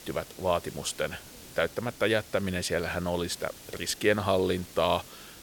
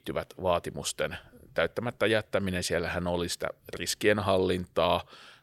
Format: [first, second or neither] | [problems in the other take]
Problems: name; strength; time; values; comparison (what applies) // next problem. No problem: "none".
second | hiss; noticeable; throughout; 15 dB below the speech